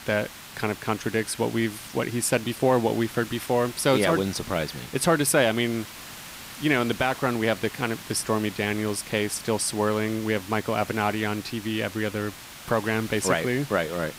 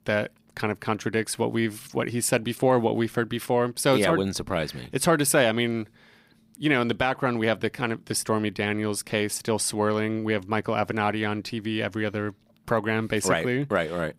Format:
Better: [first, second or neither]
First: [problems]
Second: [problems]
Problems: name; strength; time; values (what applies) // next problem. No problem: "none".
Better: second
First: hiss; noticeable; throughout; 15 dB below the speech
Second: none